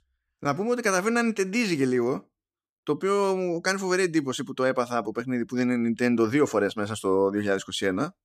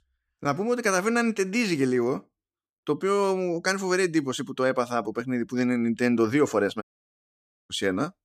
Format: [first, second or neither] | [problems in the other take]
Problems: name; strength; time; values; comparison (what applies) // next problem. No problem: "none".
first | audio cutting out; at 7 s for 1 s